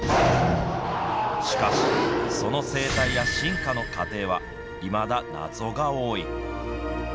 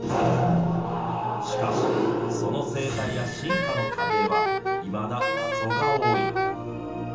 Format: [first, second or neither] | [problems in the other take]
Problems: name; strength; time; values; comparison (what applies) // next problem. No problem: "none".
first | background sound (Wind instrument, woodwind instrument); 1 dB above the speech // room echo; dies away in 0.8 s